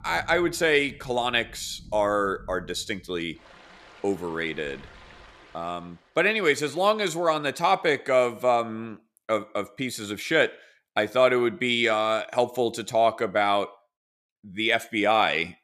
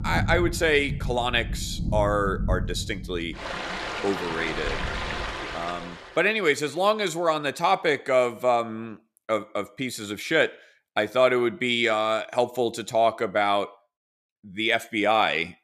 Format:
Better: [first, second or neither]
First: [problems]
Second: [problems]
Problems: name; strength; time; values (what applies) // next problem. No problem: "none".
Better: first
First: rain or running water; faint; until 5.5 s; 25 dB below the speech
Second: rain or running water; loud; until 5.5 s; 7 dB below the speech